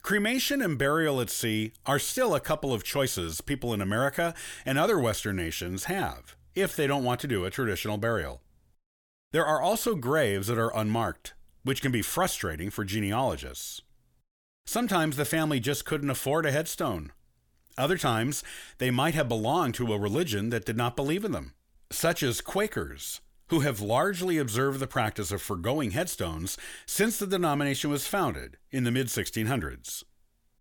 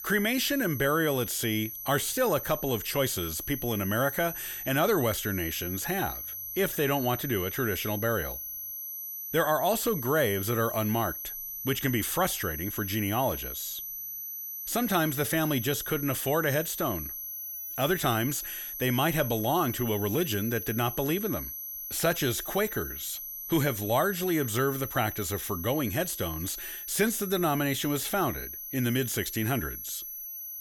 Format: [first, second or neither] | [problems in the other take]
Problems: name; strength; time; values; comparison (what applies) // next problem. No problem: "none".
first | high-pitched whine; loud; throughout; 11.5 kHz, 7 dB below the speech